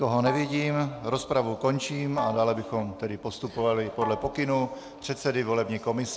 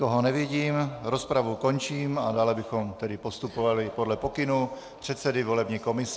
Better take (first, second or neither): second